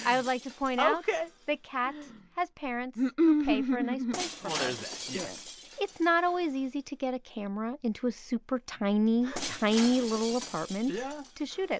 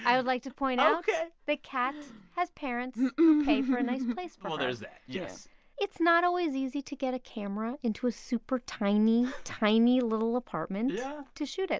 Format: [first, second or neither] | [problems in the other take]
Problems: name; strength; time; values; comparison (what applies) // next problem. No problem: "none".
second | background sound (Shatter); 14 dB below the speech